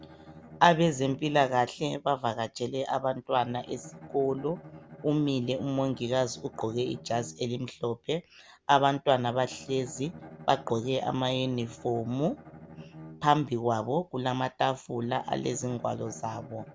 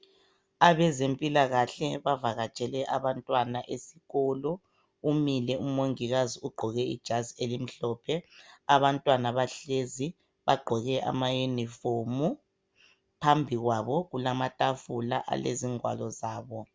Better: second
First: background sound (Bowed string instrument); 20 dB below the speech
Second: none

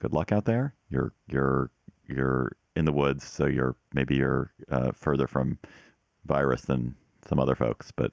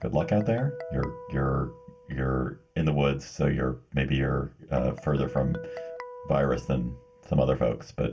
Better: first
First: none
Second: background sound (Guitar); 16 dB below the speech // room echo; dies away in 0.2 s

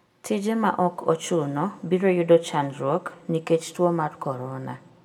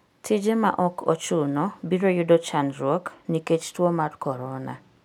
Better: second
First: room echo; dies away in 1.3 s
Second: none

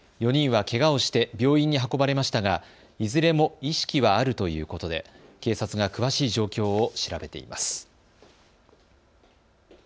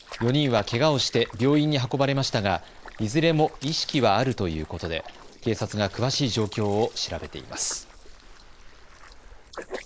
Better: first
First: none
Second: noise reduction (neural mask model Resemble Enhance denoiser)

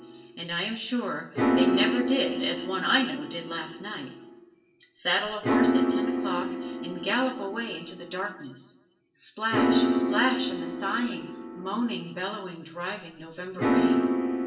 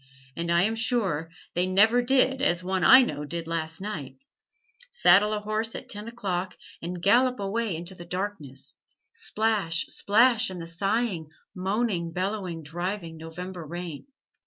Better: second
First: background sound (Piano); 3 dB above the speech // room echo; dies away in 0.8 s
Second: none

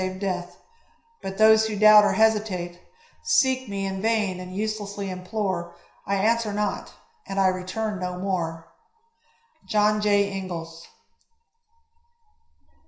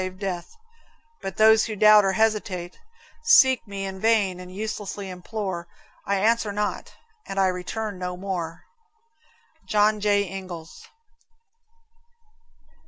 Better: second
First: room echo; dies away in 0.5 s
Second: none

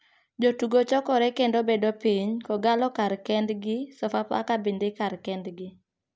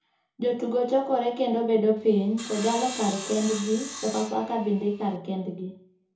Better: first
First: none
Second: background sound (Sawing); 12 dB below the speech // room echo; dies away in 0.7 s

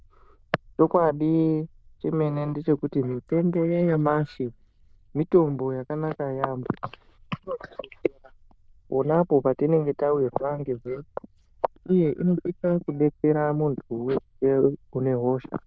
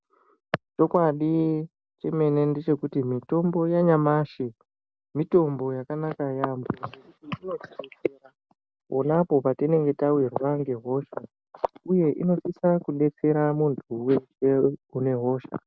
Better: second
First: noise reduction (neural diffusion model UNIVERSE++)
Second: none

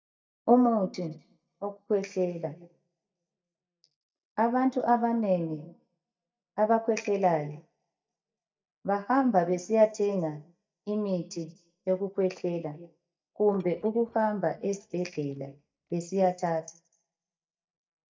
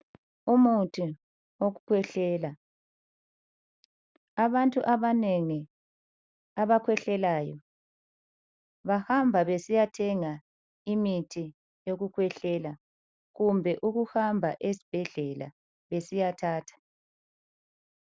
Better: second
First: noise reduction (neural mask model DeepFilterNet 3)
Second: none

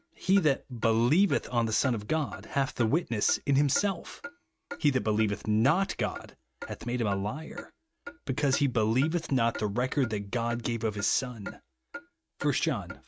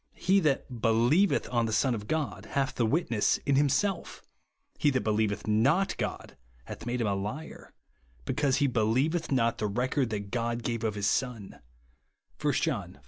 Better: second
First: noise reduction (neural mask model RNNoise)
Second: none

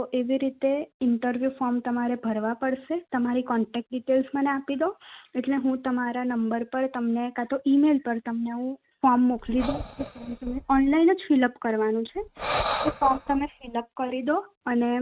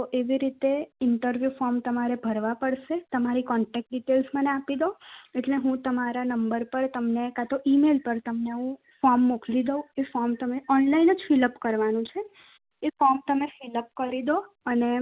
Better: second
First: noise reduction (neural mask model RNNoise)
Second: none

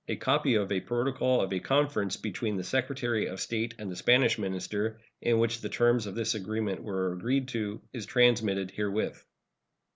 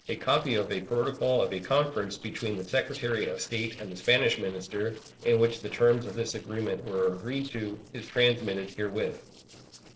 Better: first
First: none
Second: noise reduction (neural separator model SepFormer DNS4)

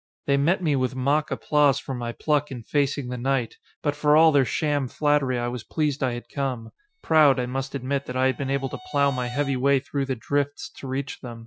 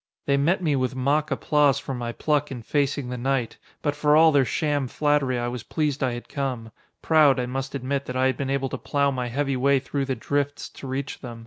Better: second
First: noise reduction (classical method Wiener filter)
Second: none

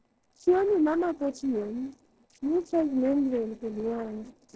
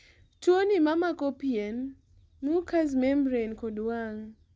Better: second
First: noise reduction (neural separator model SepFormer DNS4)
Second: none

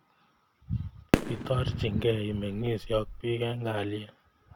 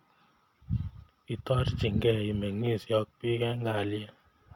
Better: second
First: background sound (Fireworks); 2 dB below the speech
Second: none

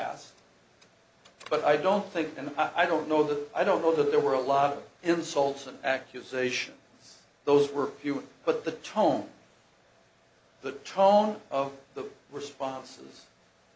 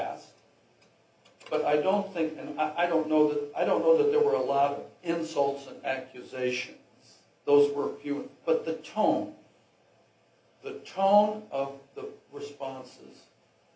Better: first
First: none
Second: room echo; dies away in 0.3 s

